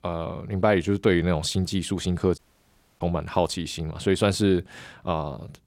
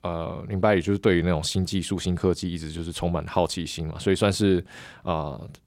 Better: second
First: audio cutting out; at 2.5 s for 0.5 s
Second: none

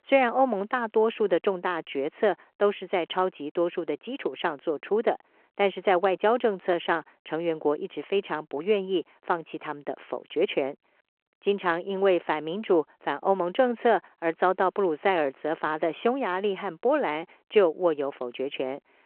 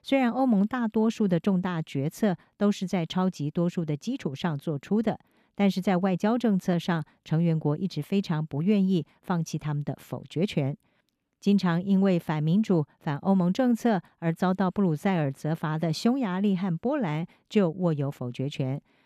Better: second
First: phone-call audio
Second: none

